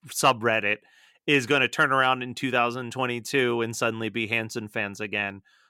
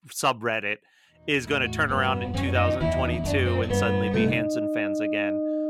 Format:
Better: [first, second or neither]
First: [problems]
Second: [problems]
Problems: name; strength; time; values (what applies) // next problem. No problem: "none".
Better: first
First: none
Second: background music; very loud; from 2 s on; 1 dB above the speech